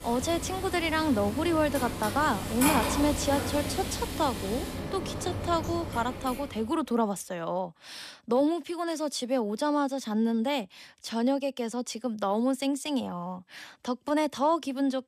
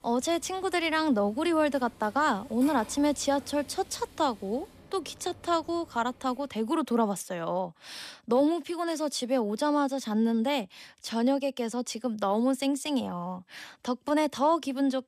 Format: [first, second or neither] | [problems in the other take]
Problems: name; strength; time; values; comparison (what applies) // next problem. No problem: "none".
second | household noises; loud; until 6 s; 4 dB below the speech; faint in the second